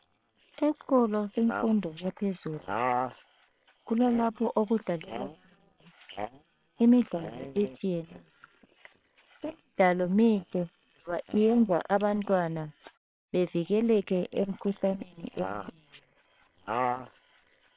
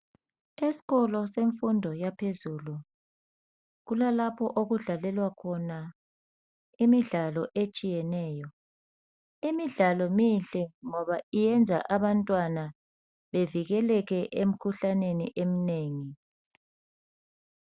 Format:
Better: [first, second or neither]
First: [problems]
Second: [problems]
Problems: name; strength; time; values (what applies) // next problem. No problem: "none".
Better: second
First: noise reduction (neural separator model SepFormer WHAM!)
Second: none